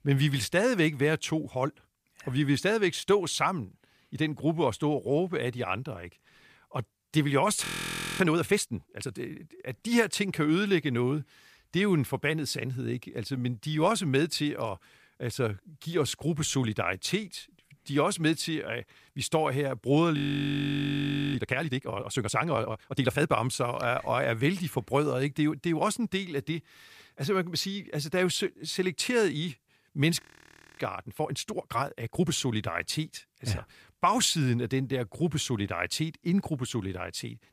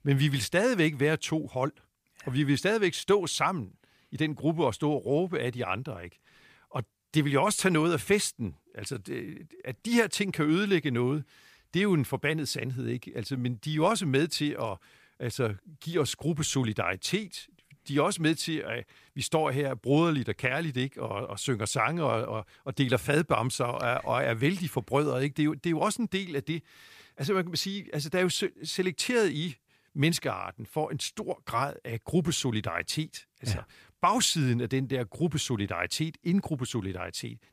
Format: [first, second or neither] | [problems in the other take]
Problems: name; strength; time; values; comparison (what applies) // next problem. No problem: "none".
second | audio freezing; at 7.5 s for 0.5 s, at 20 s for 1 s and at 30 s for 0.5 s